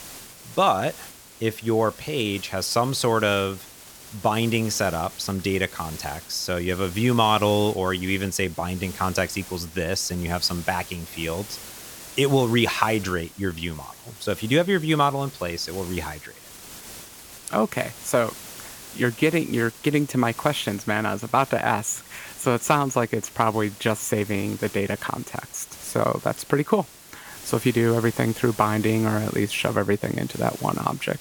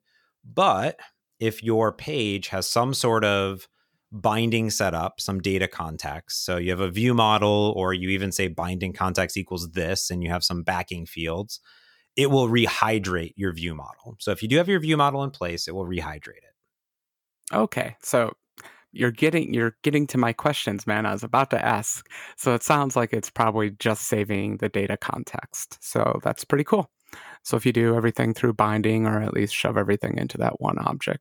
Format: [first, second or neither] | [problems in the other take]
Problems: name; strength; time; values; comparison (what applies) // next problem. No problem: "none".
second | hiss; noticeable; throughout; 15 dB below the speech